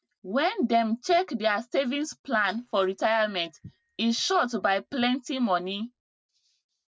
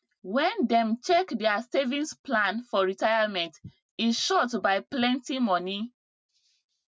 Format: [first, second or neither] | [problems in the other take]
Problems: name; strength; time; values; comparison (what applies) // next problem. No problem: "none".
second | noise reduction (neural separator model SepFormer DNS4)